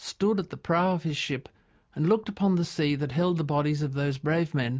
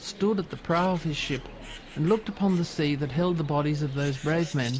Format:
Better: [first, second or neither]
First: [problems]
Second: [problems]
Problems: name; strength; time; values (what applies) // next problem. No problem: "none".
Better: first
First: none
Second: background sound (Bird); 16 dB below the speech